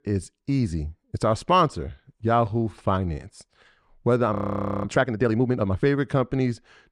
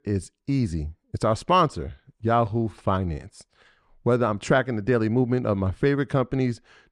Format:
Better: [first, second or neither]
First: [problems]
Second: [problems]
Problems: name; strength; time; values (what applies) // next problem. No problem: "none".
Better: second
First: audio freezing; at 4.5 s for 0.5 s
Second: none